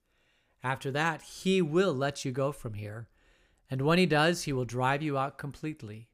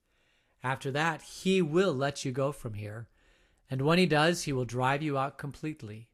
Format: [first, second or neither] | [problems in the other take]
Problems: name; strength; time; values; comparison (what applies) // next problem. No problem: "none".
first | garbled, watery; slightly; nothing above 12.5 kHz